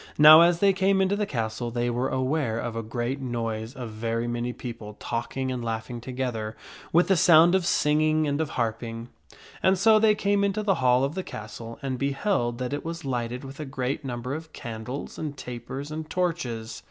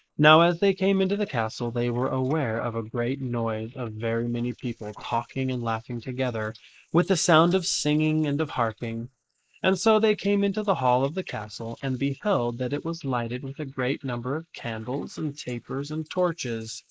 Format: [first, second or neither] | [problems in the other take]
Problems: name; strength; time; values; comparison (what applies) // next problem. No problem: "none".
first | noise reduction (neural mask model Resemble Enhance denoiser)